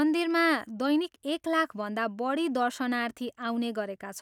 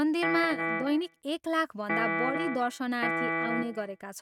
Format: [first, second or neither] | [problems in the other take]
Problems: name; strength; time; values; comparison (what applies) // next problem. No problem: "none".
first | noise reduction (neural mask model RNNoise)